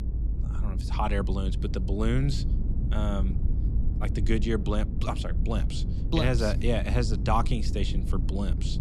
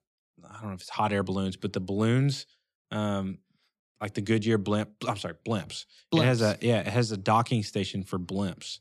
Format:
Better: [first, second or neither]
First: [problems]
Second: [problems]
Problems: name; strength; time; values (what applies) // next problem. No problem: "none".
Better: second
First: low rumble; noticeable; throughout; 10 dB below the speech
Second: none